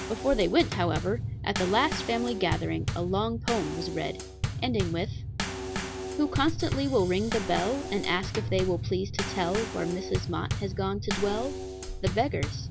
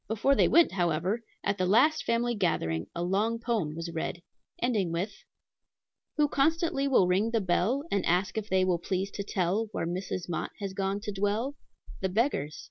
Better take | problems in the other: second | background sound (Bass drum / Snare drum / Drum kit); 4 dB below the speech

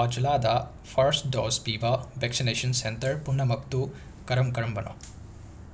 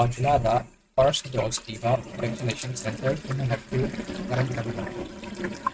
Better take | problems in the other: first | noise reduction (neural mask model RNNoise)

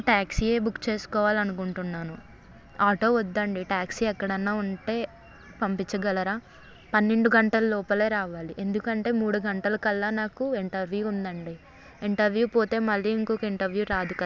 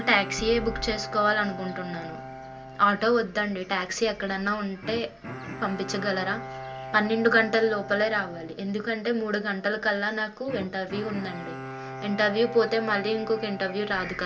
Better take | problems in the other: first | background sound (Bowed string instrument); 12 dB below the speech // room echo; dies away in 0.2 s

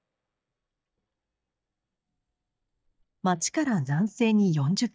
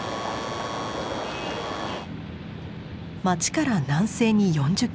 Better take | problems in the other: second | noise reduction (neural mask model DeepFilterNet 3)

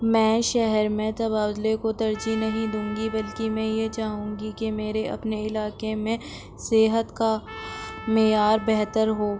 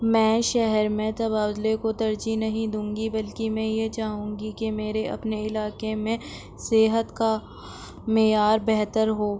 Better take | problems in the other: second | background sound (Trumpet); 19 dB below the speech

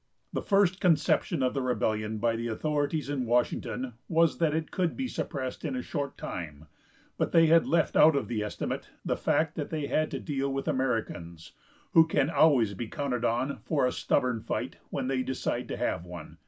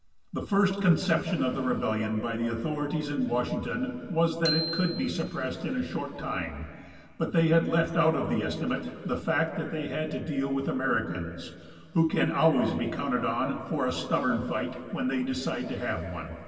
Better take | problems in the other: first | background sound (Bicycle bell); 10 dB below the speech // room echo; dies away in 2.4 s

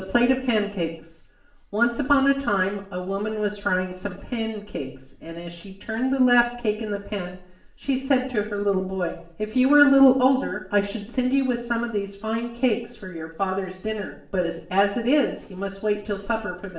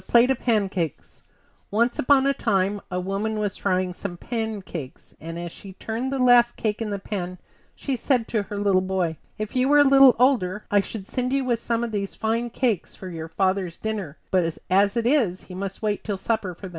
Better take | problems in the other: second | room echo; dies away in 0.5 s

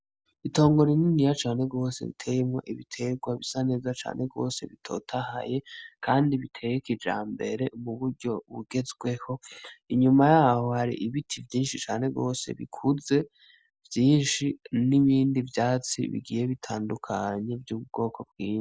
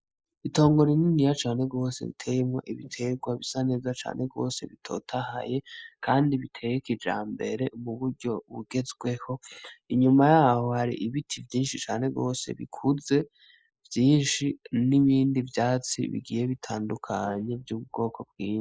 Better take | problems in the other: first | noise reduction (neural mask model Resemble Enhance denoiser)

